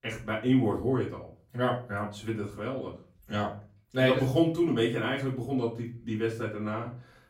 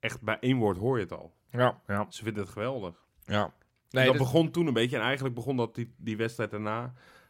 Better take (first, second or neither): second